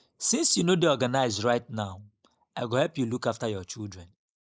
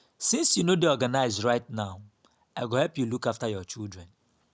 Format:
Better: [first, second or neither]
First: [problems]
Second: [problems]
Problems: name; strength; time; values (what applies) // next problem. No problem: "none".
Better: second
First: noise reduction (neural mask model Resemble Enhance denoiser)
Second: none